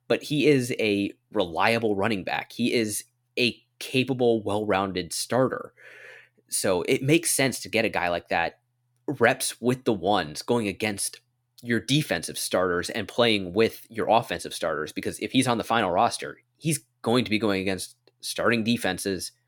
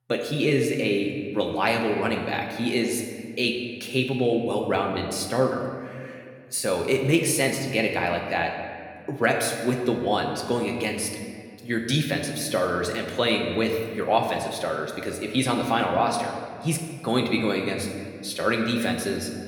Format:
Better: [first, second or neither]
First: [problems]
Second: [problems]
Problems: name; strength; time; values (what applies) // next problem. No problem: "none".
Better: first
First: none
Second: room echo; slight; dies away in 1.6 s